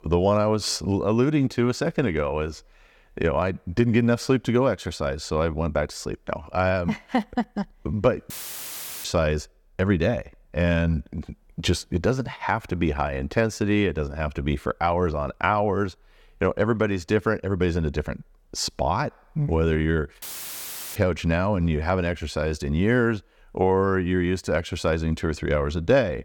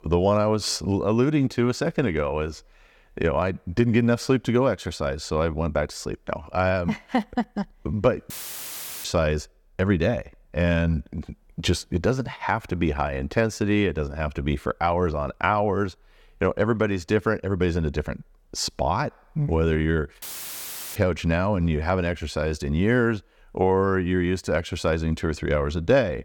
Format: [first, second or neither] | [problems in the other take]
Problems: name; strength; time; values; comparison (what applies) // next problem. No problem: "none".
neither | audio cutting out; filled with static; at 8.5 s for 0.5 s and at 20 s for 0.5 s; the same in both